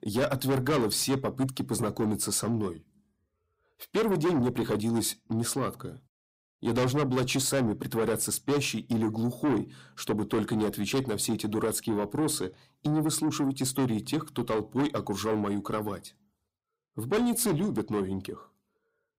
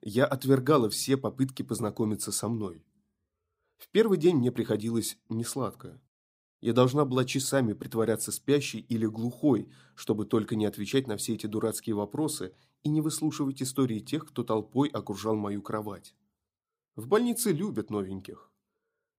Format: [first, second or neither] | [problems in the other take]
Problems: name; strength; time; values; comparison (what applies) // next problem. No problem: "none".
second | distortion; heavy; 6 dB below the speech